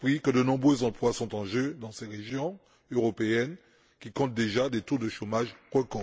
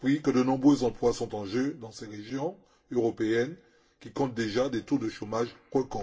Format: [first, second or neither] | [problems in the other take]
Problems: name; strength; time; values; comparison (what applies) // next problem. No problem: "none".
first | room echo; dies away in 0.2 s